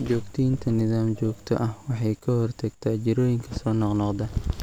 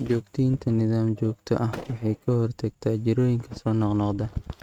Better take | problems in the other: first | noise reduction (neural mask model RNNoise)

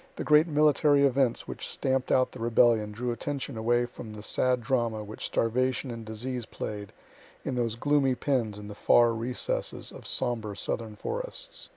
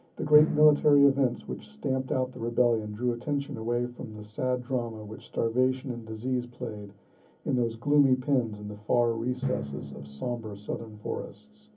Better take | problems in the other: first | background sound (Drum); 15 dB below the speech // room echo; dies away in 0.3 s

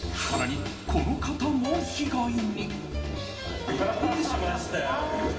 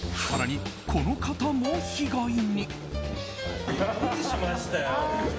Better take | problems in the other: second | room echo; dies away in 2.1 s

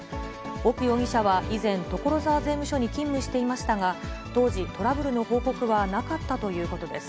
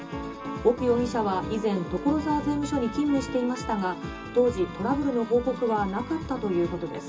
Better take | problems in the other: first | background sound (Trumpet); 18 dB below the speech // room echo; dies away in 0.2 s

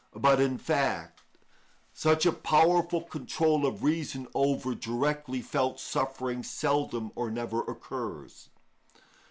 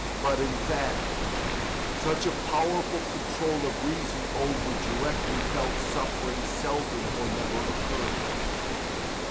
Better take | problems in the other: first | background sound (Water + Waves, surf); 3 dB above the speech

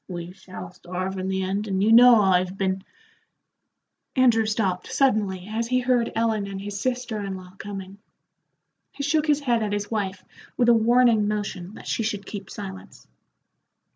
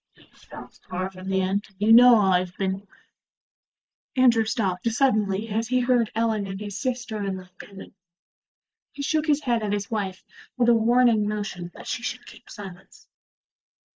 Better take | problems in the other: first | noise reduction (neural mask model Resemble Enhance denoiser)

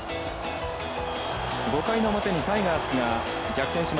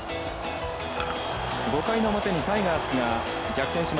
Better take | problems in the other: first | background sound (Chewing, mastication); 18 dB below the speech

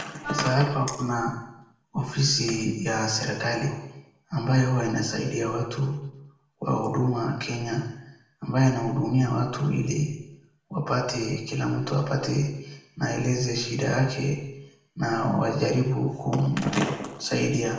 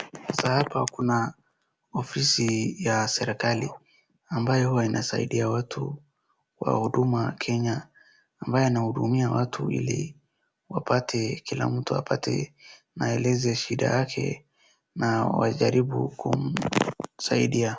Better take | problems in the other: second | background sound (Wind instrument, woodwind instrument); 10 dB below the speech // room echo; dies away in 0.7 s

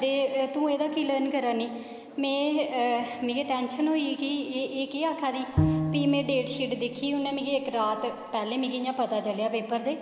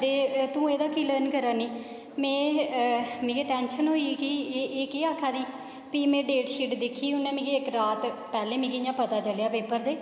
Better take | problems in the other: second | background sound (Bowed string instrument); 4 dB below the speech

